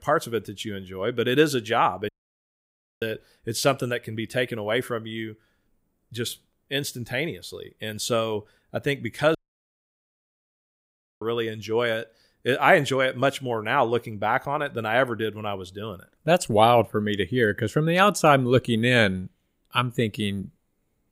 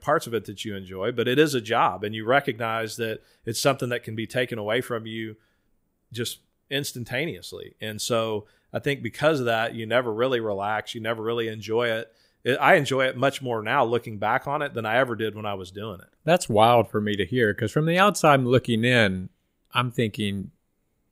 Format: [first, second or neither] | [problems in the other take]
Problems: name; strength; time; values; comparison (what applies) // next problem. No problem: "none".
second | audio cutting out; at 2 s for 1 s and at 9.5 s for 2 s